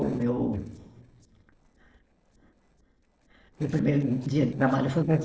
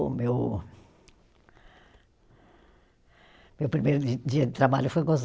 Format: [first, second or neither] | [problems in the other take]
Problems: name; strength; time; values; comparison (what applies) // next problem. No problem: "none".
second | noise reduction (neural separator model SepFormer DNS4)